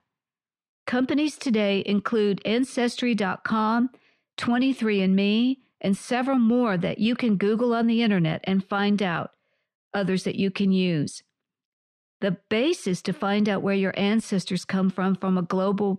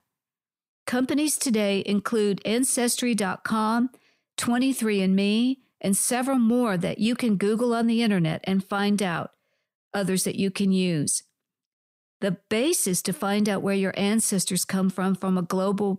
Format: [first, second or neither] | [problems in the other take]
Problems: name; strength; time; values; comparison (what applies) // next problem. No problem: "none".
second | muffled; slightly; fading above 3 kHz